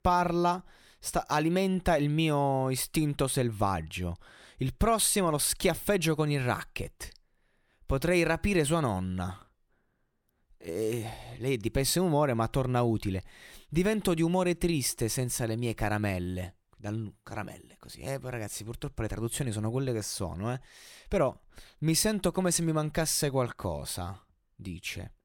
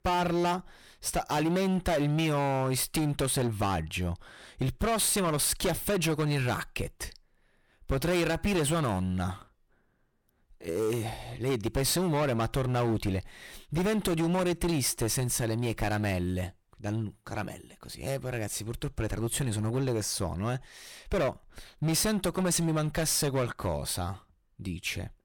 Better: first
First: none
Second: distortion; heavy; 14% of the sound clipped

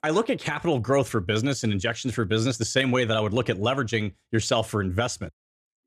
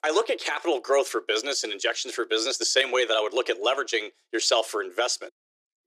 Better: first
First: none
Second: thin; very; fading below 350 Hz

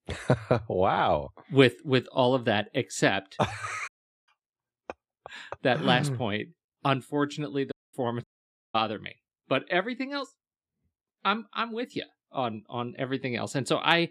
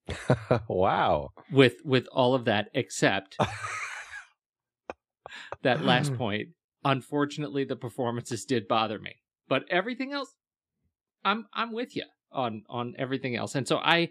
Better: second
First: audio cutting out; at 4 s, at 7.5 s and at 8 s for 0.5 s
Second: none

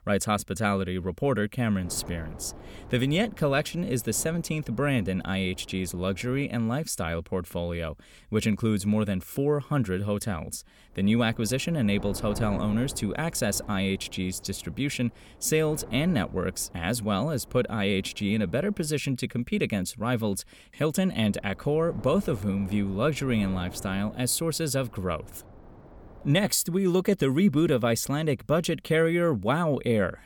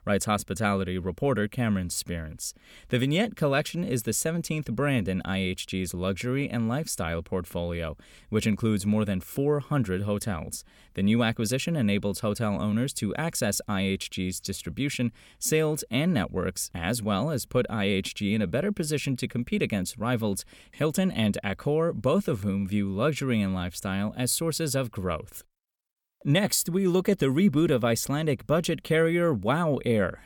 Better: second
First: wind noise on the microphone; occasional gusts; from 2 to 6.5 s, from 11 to 19 s and from 21 to 27 s; 20 dB below the speech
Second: none

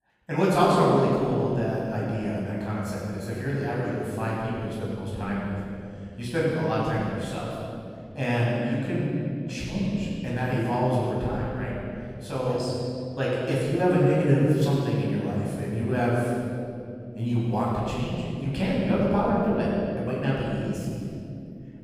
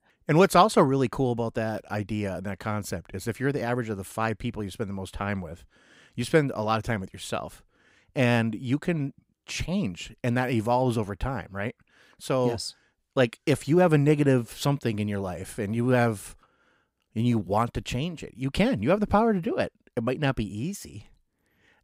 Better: second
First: off-mic speech; far // room echo; strong; dies away in 2.7 s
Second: none

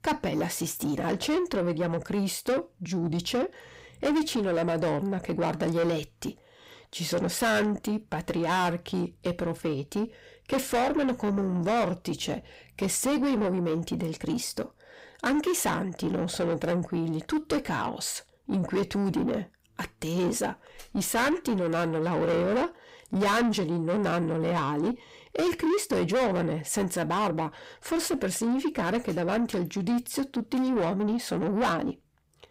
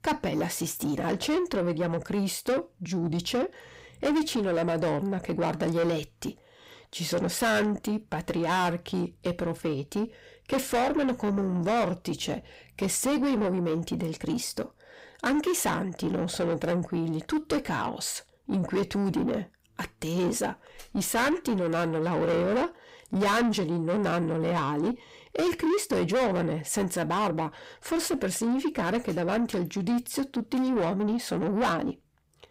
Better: neither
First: distortion; heavy; 6 dB below the speech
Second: distortion; heavy; 6 dB below the speech

